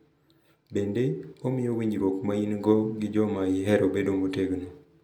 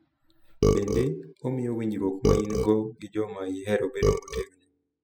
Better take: first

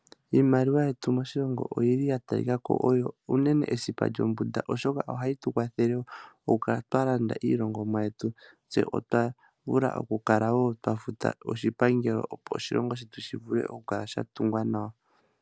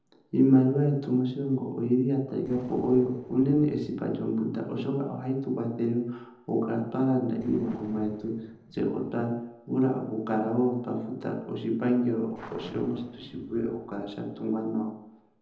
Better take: first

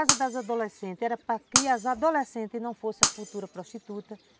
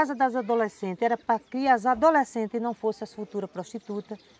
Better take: second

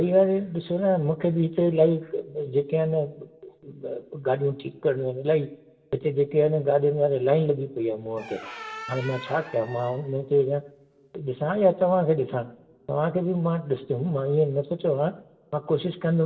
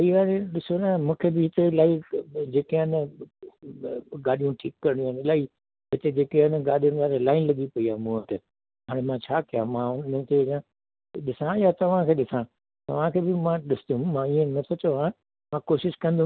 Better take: second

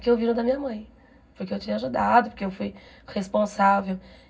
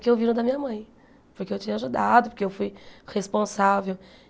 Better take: second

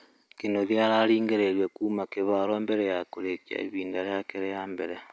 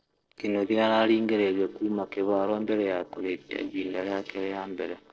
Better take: first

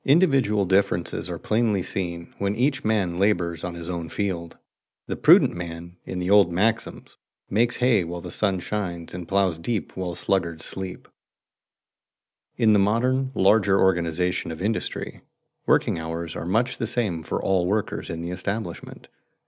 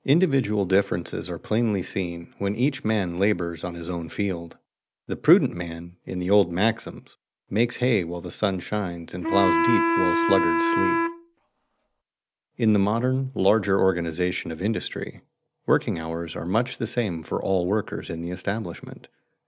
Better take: first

